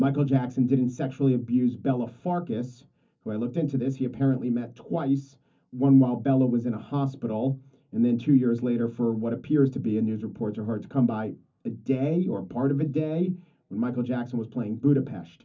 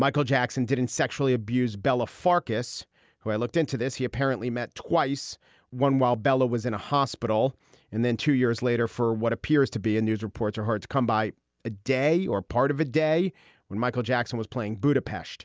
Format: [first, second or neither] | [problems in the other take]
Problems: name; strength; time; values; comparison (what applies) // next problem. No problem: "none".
second | room echo; dies away in 0.3 s